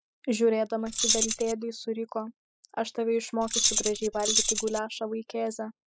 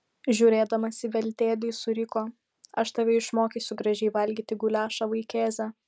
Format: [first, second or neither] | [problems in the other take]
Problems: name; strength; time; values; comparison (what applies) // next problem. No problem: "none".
second | noise reduction (classical method spectral subtraction)